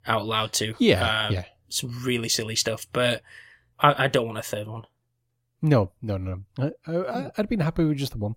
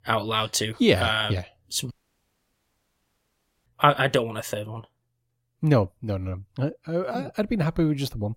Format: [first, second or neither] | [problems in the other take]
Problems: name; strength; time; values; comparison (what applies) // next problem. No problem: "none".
first | audio cutting out; at 2 s for 2 s